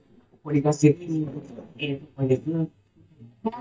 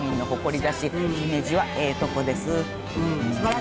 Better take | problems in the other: second | noise reduction (neural mask model DeepFilterNet 3)

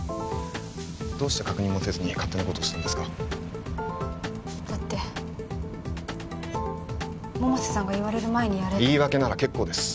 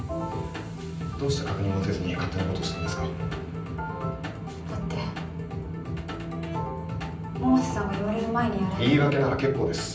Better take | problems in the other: first | room echo; dies away in 0.6 s

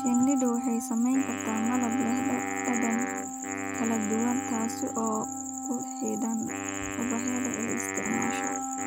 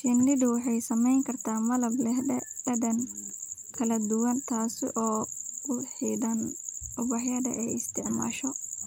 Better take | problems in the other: second | background sound (Wind instrument, woodwind instrument + Wind instrument, woodwind instrument); 4 dB below the speech

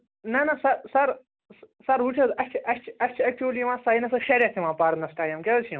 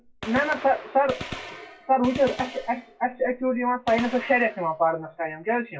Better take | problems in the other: first | noise reduction (classical method WPE with log-MMSE)

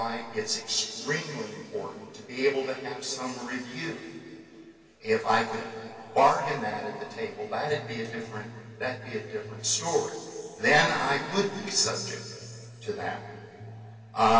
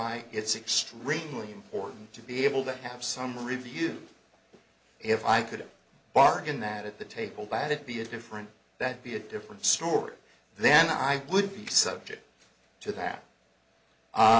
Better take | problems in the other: second | background sound (Bass guitar); 16 dB below the speech // room echo; dies away in 2.6 s

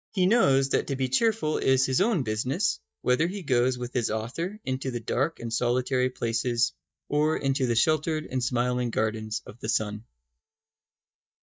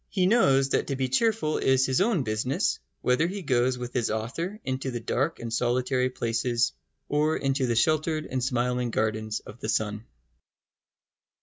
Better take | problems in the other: second | noise reduction (neural mask model DeepFilterNet 3)

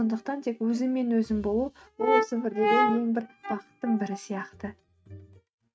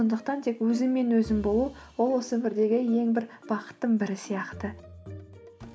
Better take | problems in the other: second | noise reduction (neural mask model RNNoise)

